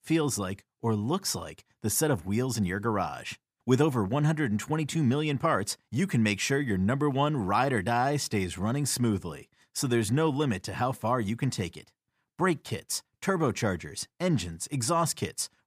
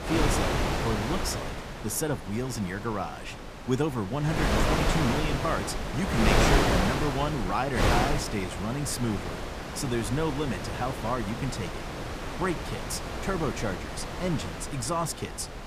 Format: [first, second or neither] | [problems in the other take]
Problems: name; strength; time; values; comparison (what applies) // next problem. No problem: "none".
first | wind noise on the microphone; heavy; 2 dB above the speech